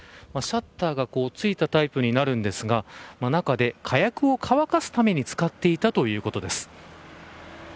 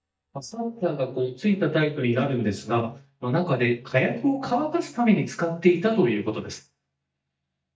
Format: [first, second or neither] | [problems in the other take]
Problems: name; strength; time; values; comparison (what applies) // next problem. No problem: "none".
first | noise reduction (neural mask model DeepFilterNet 3)